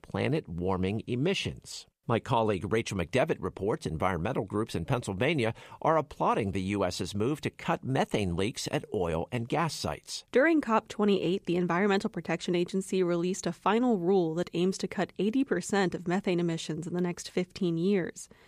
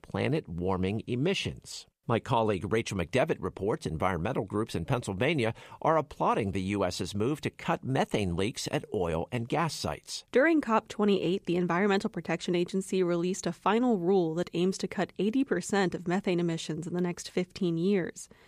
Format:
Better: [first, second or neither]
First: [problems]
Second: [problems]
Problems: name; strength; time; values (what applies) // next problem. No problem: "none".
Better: neither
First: none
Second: none